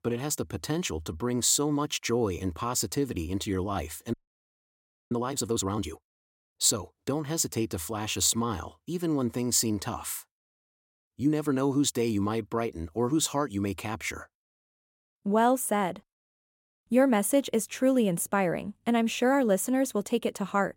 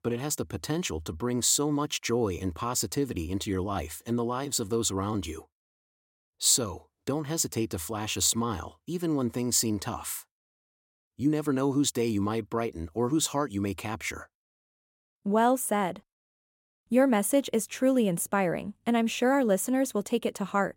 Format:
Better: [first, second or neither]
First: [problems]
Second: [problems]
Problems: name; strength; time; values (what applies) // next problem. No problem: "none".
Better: second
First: audio freezing; at 4 s for 1 s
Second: none